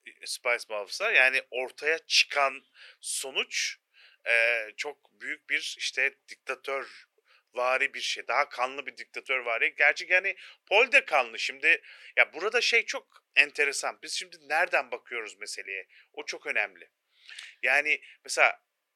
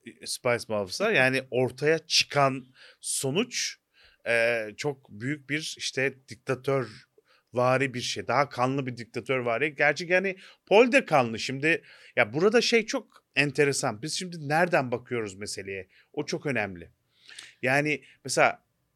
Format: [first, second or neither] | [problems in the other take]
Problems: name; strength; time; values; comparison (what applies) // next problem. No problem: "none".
second | thin; very; fading below 500 Hz